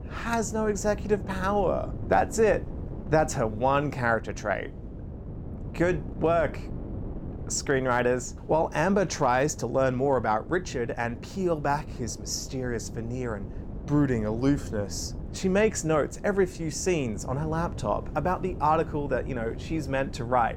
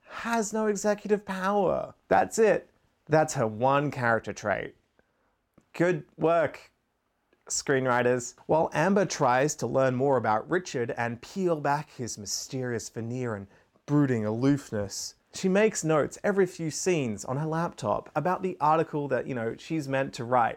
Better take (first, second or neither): second